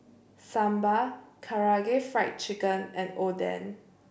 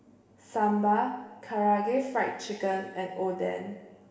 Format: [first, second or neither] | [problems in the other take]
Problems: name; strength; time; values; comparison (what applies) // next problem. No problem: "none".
first | room echo; dies away in 1.3 s